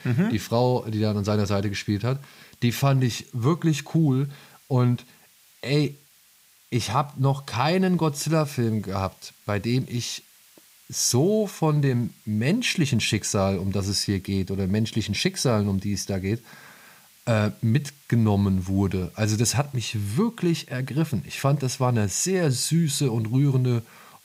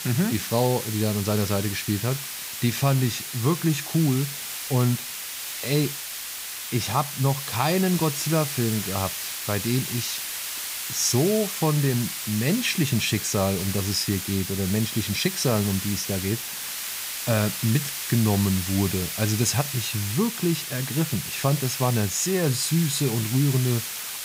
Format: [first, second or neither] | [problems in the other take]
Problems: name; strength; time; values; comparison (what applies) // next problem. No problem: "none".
first | hiss; loud; throughout; 5 dB below the speech; faint in the first